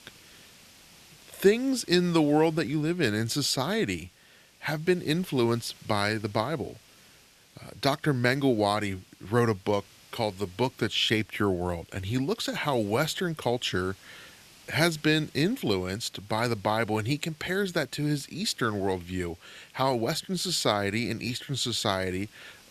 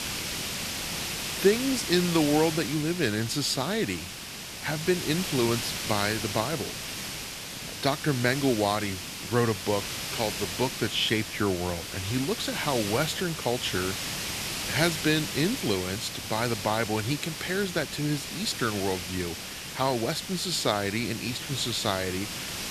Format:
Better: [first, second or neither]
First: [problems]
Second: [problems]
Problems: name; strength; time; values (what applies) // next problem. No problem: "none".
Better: first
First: hiss; faint; throughout; 25 dB below the speech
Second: hiss; loud; throughout; 5 dB below the speech